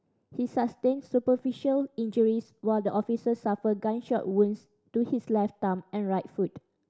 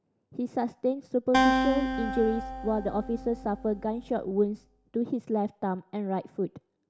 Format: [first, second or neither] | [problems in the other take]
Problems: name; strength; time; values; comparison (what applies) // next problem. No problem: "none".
first | background sound (Acoustic guitar); 1 dB below the speech